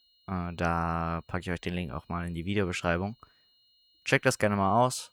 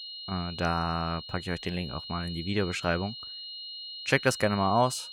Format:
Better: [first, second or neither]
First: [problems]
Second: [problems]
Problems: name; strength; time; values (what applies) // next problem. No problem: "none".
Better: first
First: high-pitched whine; faint; throughout; 4 kHz, 35 dB below the speech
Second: high-pitched whine; loud; throughout; 4 kHz, 9 dB below the speech